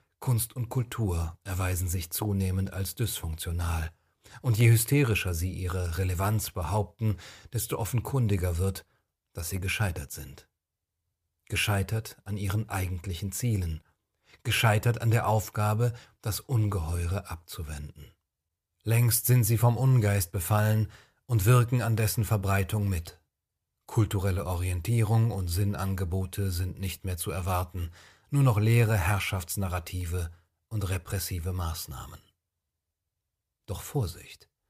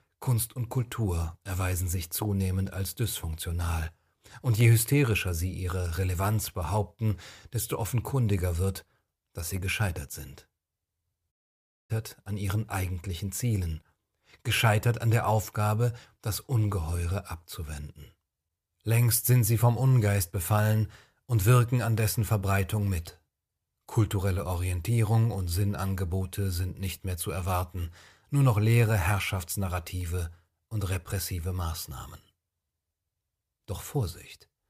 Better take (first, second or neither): first